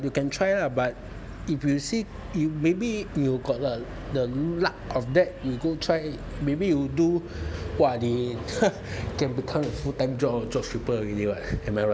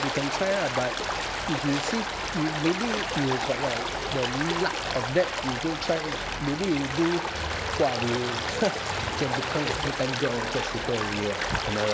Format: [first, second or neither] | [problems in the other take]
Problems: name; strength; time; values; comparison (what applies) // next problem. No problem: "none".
first | background sound (Stream); 1 dB below the speech